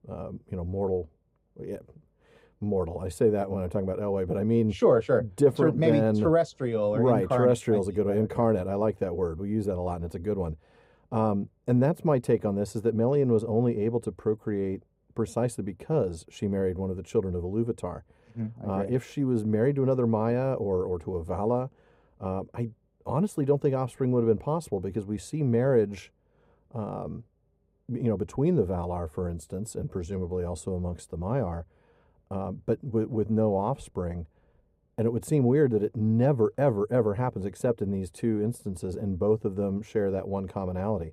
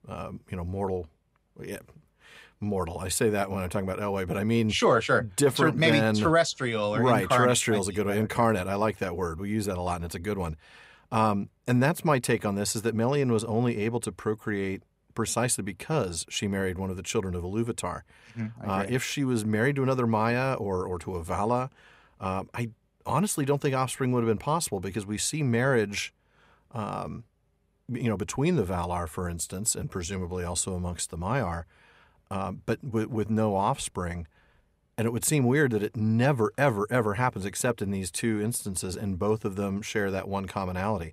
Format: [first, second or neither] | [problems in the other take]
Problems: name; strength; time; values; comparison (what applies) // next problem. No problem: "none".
second | muffled; slightly; fading above 1 kHz